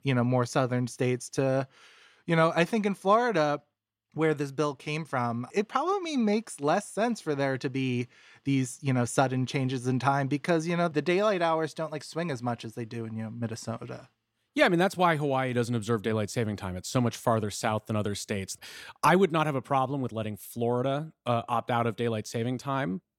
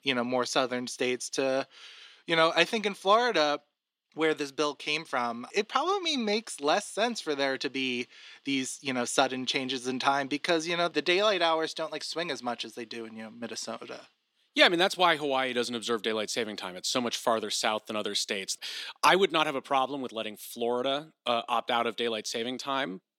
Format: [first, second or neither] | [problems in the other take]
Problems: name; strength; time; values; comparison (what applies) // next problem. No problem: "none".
first | thin; very slightly; fading below 250 Hz